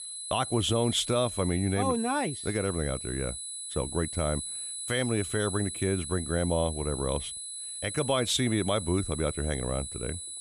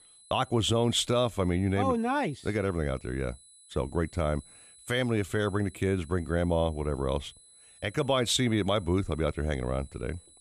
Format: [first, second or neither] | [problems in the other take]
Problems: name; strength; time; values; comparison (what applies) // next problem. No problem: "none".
second | high-pitched whine; loud; throughout; 10 kHz, 6 dB below the speech; faint in the second